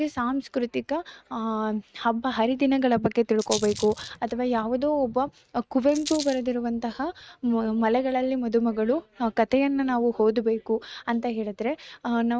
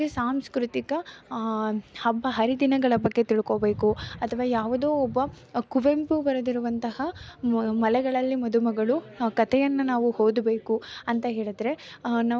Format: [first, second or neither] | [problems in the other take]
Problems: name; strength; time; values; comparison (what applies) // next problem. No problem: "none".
second | noise reduction (neural mask model RNNoise)